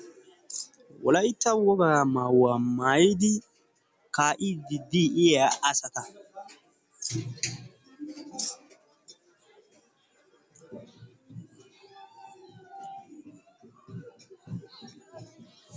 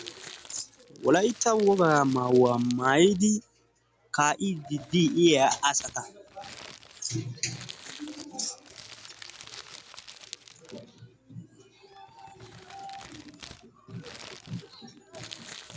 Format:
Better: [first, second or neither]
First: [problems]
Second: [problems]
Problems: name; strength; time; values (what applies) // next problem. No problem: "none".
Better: first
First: none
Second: background sound (Crumpling, crinkling); 20 dB below the speech